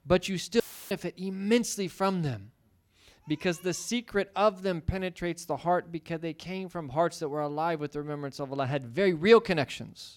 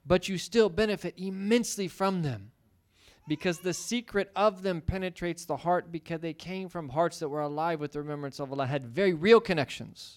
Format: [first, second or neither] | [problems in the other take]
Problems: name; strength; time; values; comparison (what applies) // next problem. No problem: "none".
second | audio cutting out; filled with static; at 0.5 s